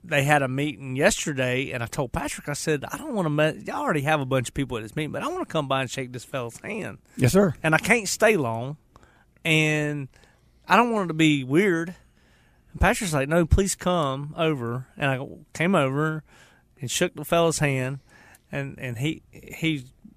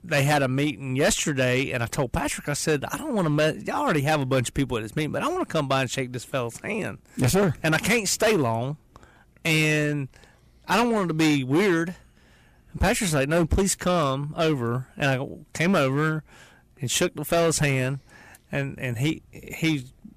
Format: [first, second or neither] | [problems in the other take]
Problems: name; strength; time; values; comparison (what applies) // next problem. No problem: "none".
first | distortion; heavy; 8% of the sound clipped